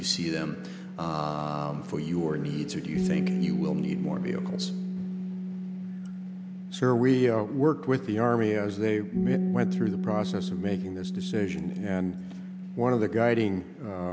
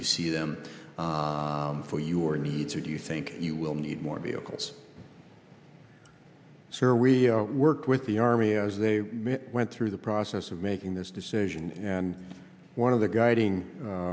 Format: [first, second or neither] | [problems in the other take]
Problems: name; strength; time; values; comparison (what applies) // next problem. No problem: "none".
second | background sound (Bass guitar); 4 dB below the speech